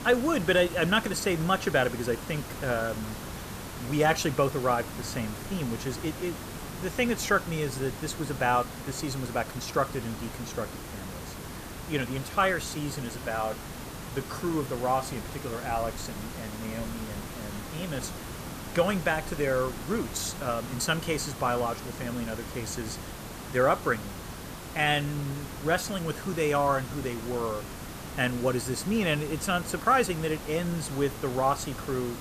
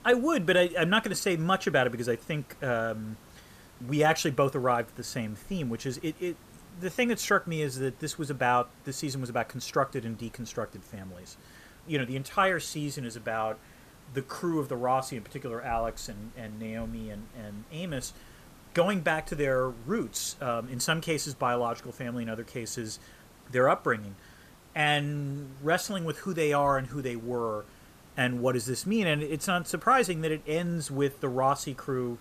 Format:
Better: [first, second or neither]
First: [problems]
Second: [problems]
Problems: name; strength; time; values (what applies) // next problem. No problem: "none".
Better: second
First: hiss; loud; throughout; 10 dB below the speech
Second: hiss; faint; throughout; 25 dB below the speech